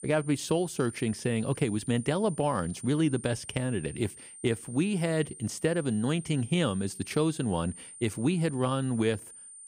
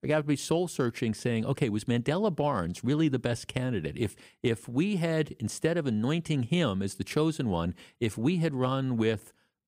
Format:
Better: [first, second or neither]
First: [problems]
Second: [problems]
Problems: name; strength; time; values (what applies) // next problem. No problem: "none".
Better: second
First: high-pitched whine; noticeable; throughout; 9 kHz, 15 dB below the speech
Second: none